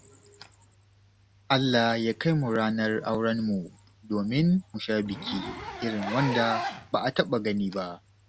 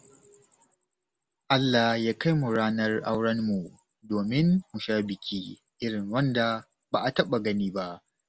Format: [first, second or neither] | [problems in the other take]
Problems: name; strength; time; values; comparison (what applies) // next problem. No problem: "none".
second | background sound (Zipper (clothing)); 12 dB below the speech